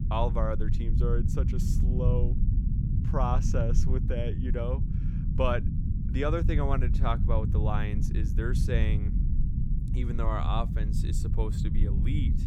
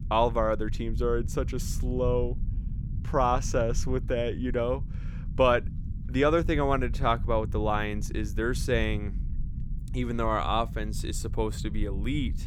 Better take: second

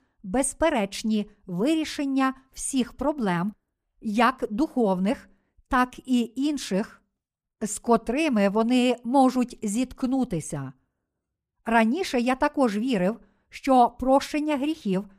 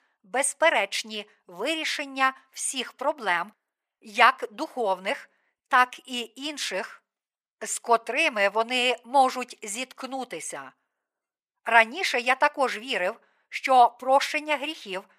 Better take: first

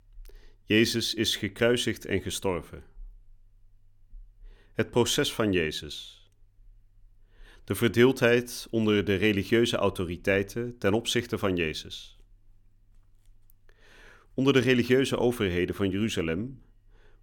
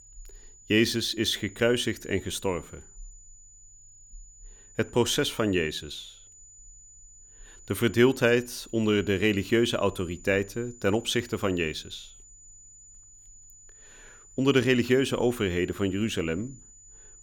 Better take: first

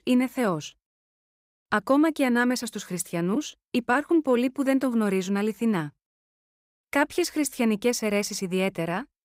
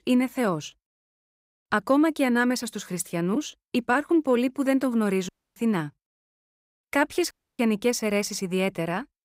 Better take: first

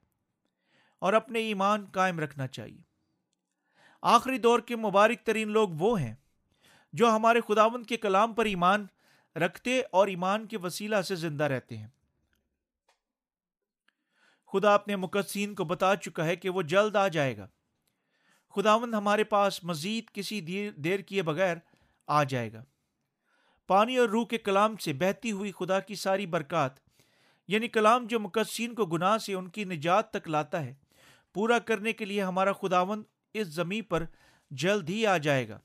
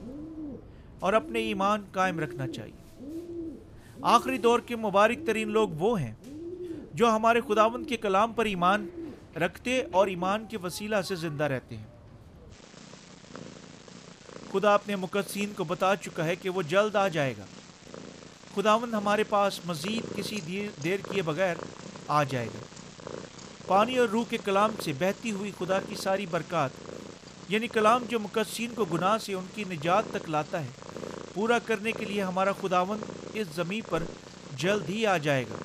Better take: first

